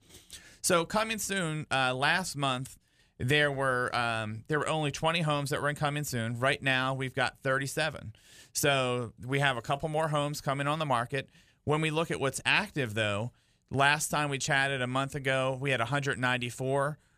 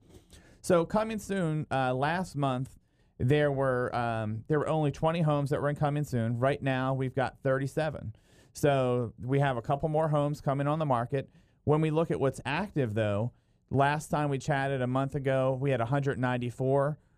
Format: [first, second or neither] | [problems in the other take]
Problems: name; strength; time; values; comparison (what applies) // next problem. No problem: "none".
first | muffled; slightly; fading above 1 kHz